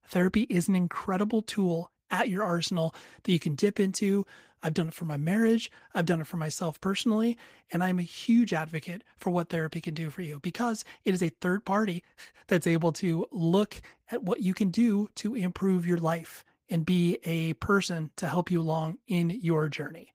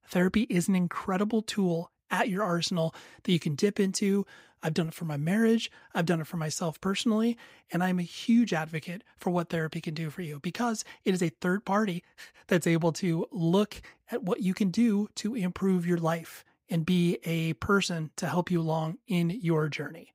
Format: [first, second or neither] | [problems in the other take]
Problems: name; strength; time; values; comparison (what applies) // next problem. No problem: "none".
second | garbled, watery; slightly; nothing above 15.5 kHz